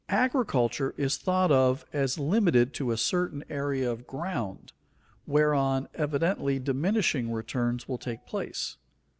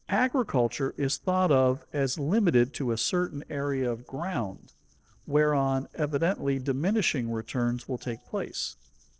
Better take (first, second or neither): first